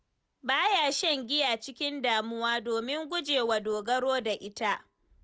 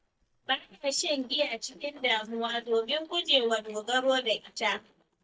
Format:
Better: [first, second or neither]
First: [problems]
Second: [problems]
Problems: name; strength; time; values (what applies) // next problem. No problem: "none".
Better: first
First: none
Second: noise reduction (neural mask model DeepFilterNet 3)